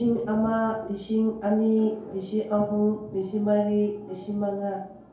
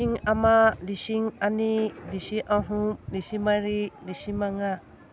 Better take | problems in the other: second | room echo; dies away in 2.4 s

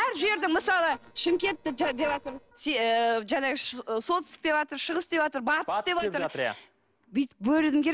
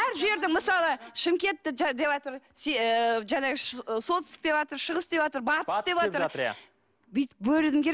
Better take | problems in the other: second | noise reduction (neural separator model SepFormer DNS4)

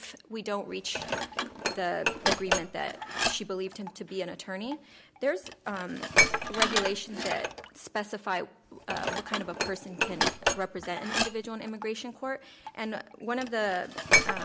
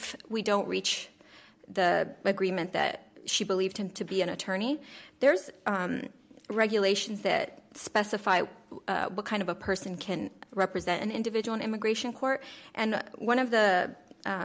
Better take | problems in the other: second | background sound (Dishes, pots, and pans); 3 dB above the speech

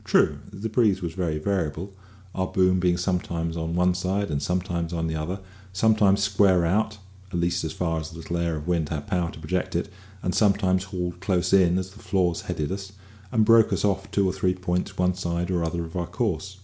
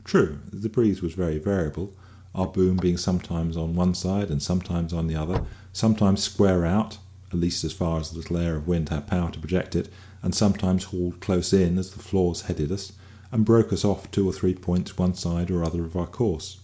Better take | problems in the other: first | background sound (Slam / Car); 15 dB below the speech

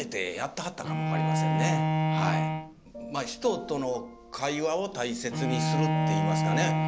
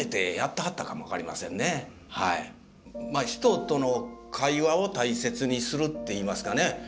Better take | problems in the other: second | background sound (Bowed string instrument); 3 dB above the speech

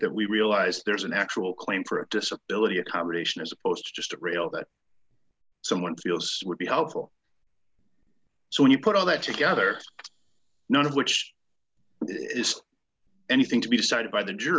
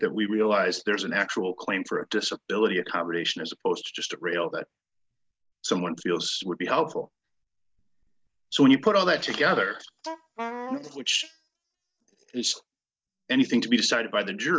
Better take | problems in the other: first | noise reduction (neural mask model DeepFilterNet 3)

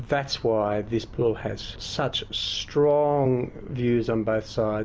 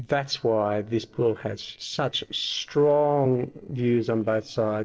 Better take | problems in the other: first | noise reduction (neural separator model SepFormer DNS4)

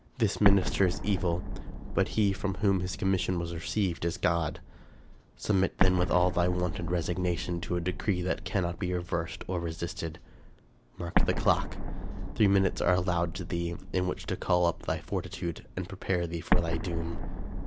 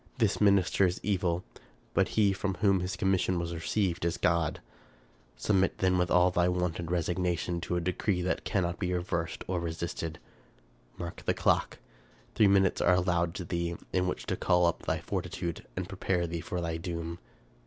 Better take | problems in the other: second | background sound (Explosion); 3 dB below the speech

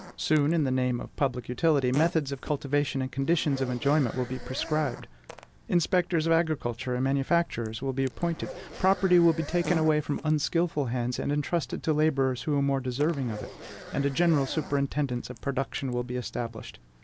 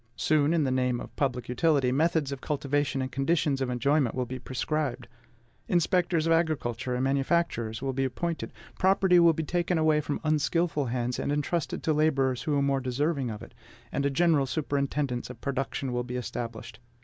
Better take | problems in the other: second | background sound (Fart + Zipper (clothing)); 17 dB below the speech

